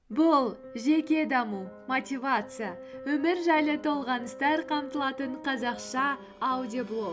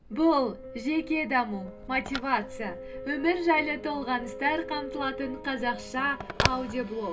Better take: first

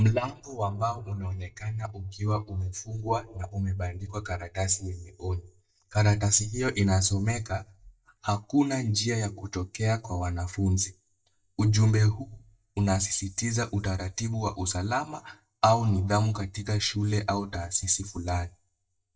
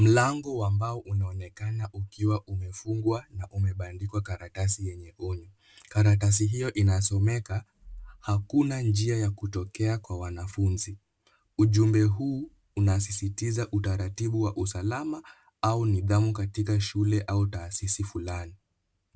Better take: second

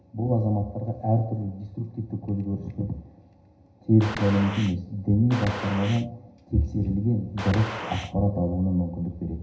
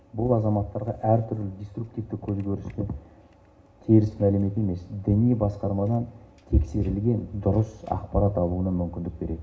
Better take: second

